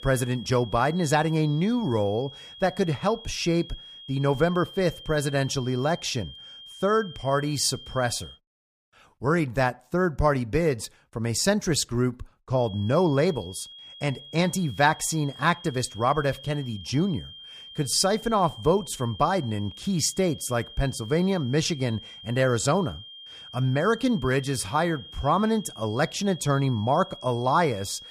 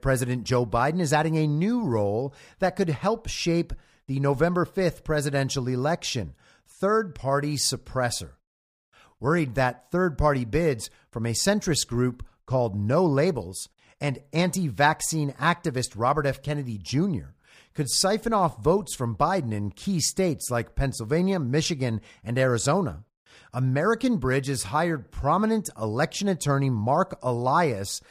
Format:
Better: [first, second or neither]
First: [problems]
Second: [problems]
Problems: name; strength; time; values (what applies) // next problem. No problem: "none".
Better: second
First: high-pitched whine; noticeable; until 8.5 s and from 13 s on; 3 kHz, 15 dB below the speech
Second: none